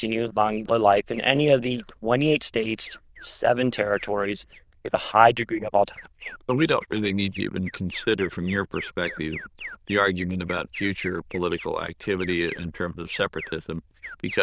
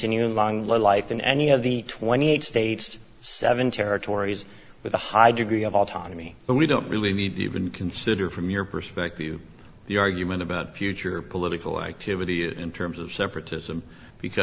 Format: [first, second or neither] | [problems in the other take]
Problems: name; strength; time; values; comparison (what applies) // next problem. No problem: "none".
second | noise reduction (neural diffusion model UNIVERSE++)